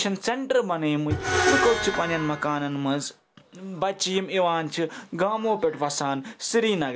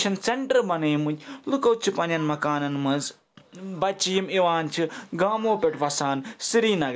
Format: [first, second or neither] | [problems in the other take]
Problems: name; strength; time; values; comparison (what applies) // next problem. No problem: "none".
second | background sound (Screech); 2 dB below the speech